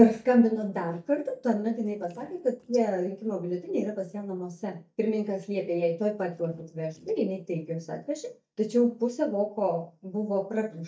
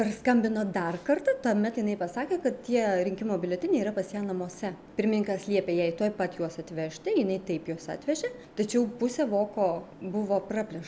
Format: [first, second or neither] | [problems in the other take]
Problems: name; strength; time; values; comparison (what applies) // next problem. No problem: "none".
second | noise reduction (neural mask model DeepFilterNet 3)